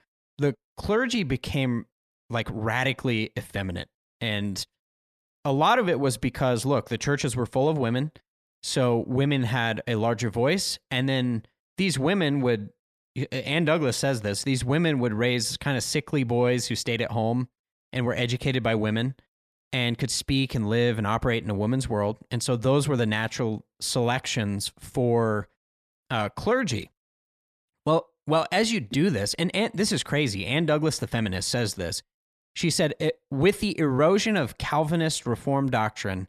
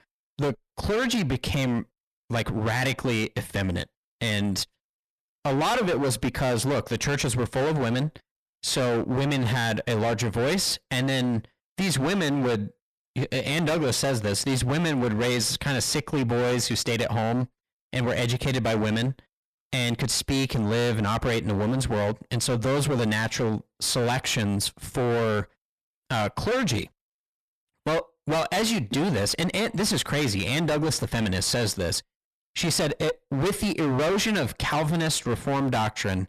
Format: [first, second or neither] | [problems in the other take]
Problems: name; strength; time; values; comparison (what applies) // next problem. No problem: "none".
first | distortion; heavy; 27% of the sound clipped